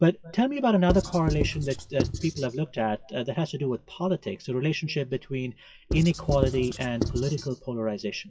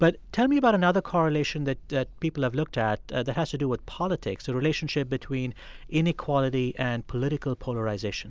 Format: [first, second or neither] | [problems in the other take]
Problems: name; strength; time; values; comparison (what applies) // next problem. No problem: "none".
second | noise reduction (classical method WPE with log-MMSE)